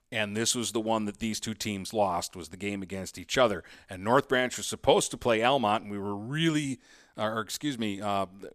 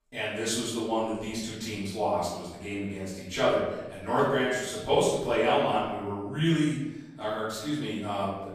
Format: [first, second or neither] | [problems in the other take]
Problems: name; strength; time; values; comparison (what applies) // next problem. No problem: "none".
first | room echo; noticeable; dies away in 0.9 s // off-mic speech; far